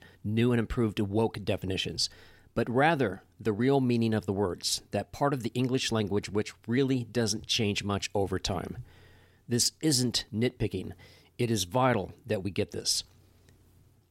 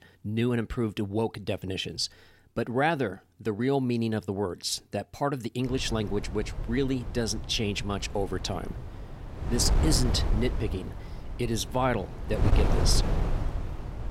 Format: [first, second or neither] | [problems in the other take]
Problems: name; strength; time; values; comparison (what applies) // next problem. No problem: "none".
first | wind noise on the microphone; heavy; from 5.5 s on; 9 dB below the speech